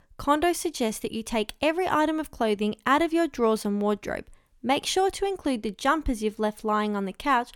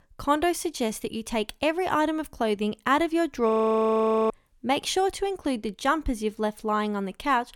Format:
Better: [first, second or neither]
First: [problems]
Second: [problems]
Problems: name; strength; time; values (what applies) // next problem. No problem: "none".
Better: first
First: none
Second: audio freezing; at 3.5 s for 1 s